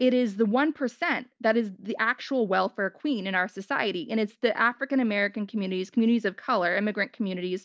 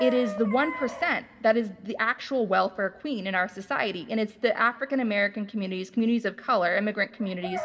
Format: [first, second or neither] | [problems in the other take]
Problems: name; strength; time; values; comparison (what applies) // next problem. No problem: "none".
first | background sound (Chicken, rooster); 14 dB below the speech // room echo; dies away in 1 s